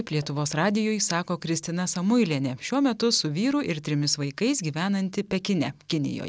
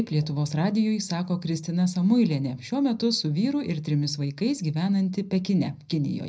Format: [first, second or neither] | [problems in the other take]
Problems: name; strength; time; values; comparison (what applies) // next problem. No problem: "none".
first | room echo; dies away in 0.4 s